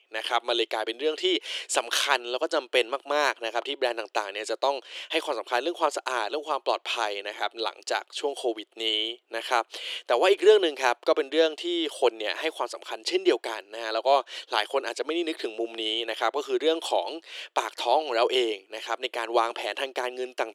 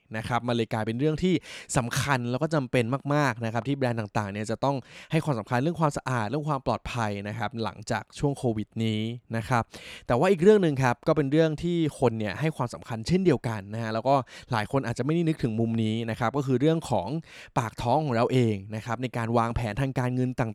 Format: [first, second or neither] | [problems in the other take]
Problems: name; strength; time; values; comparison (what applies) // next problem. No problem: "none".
second | thin; very; fading below 350 Hz